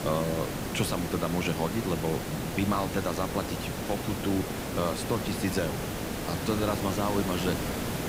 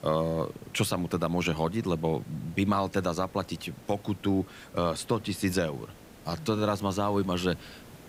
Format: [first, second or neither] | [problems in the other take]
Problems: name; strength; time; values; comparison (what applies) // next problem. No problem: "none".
second | hiss; loud; throughout; 2 dB below the speech; faint in the second